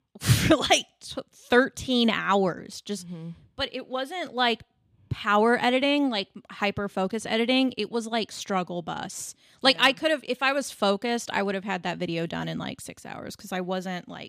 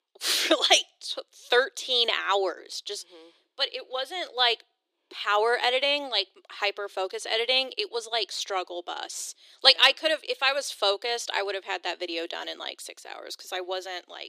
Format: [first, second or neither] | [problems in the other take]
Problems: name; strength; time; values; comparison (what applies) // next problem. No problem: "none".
first | thin; very; fading below 350 Hz